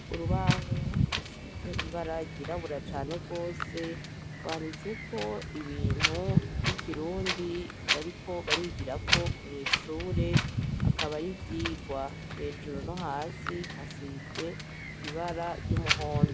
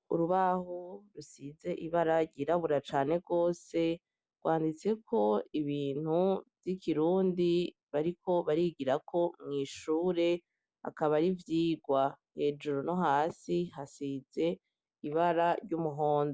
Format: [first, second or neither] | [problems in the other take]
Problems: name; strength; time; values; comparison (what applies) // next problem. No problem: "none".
second | background sound (Wind); 5 dB above the speech